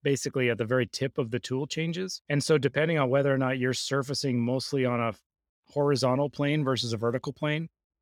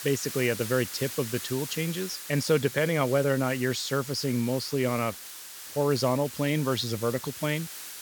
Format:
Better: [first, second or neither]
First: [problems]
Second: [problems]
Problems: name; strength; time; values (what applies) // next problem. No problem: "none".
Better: first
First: none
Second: hiss; loud; throughout; 10 dB below the speech